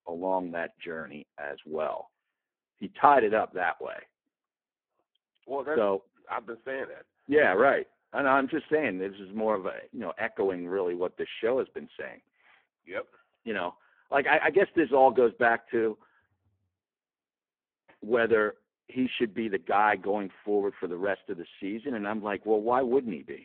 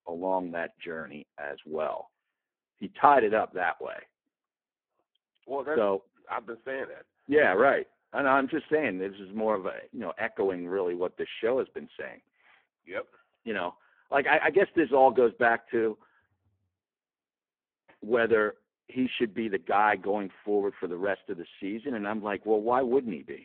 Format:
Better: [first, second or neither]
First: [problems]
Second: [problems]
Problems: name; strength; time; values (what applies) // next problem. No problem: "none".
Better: neither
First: phone-call audio; poor line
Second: phone-call audio; poor line